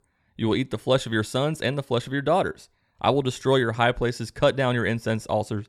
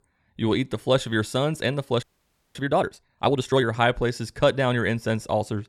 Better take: first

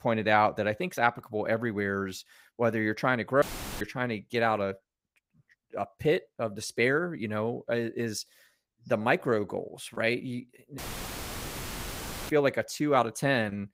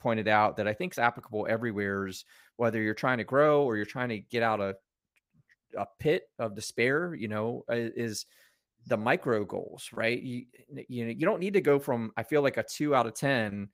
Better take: second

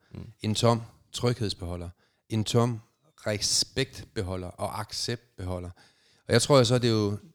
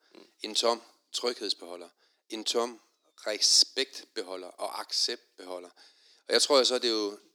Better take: first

